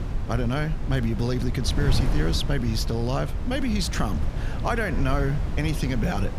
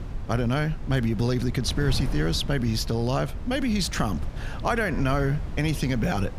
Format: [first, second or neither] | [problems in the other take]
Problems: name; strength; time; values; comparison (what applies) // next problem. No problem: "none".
second | wind noise on the microphone; heavy; 9 dB below the speech; occasional gusts in the second